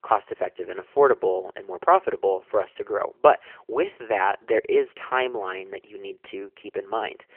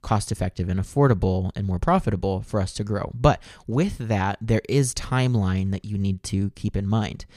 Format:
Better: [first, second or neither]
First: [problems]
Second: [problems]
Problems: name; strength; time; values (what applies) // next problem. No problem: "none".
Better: second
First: phone-call audio; nothing above 3 kHz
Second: none